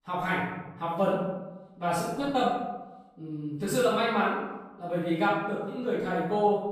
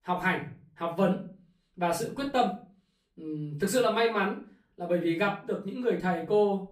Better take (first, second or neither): second